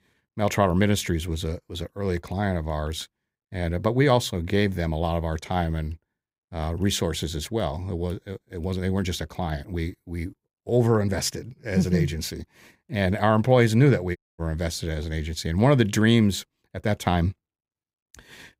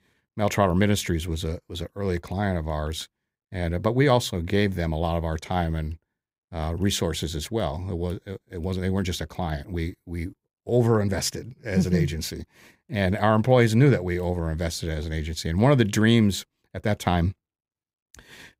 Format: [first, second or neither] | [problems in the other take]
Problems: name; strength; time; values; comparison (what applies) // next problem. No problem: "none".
second | audio cutting out; at 14 s